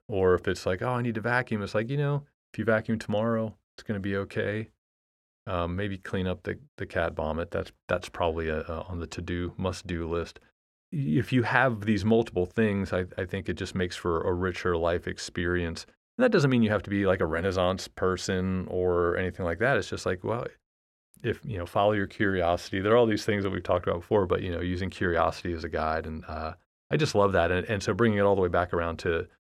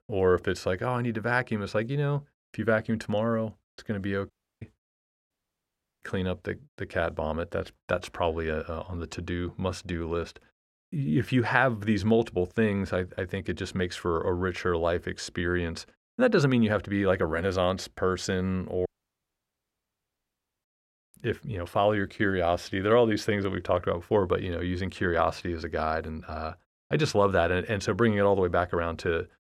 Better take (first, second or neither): first